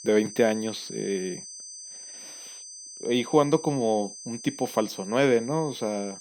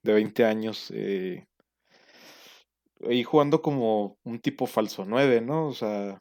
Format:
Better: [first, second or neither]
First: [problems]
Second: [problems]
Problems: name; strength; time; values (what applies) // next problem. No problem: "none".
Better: second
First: high-pitched whine; noticeable; throughout; 6 kHz, 15 dB below the speech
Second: none